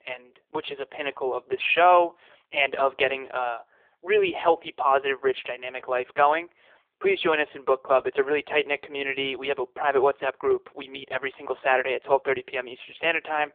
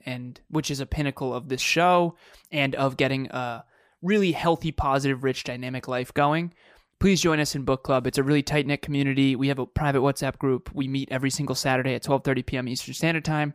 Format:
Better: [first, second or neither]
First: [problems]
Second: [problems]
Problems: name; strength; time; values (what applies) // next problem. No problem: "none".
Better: second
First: phone-call audio; poor line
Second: none